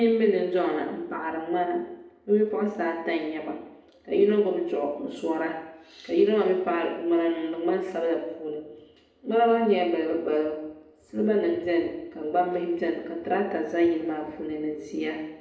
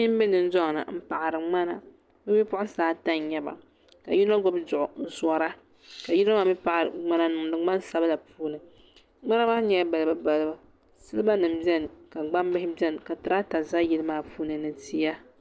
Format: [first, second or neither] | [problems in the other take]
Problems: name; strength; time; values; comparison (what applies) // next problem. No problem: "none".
second | room echo; dies away in 0.8 s